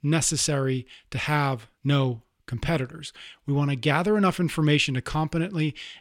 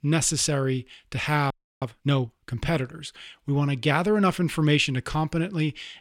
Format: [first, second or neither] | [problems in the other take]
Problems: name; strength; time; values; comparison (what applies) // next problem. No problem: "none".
first | audio freezing; at 1.5 s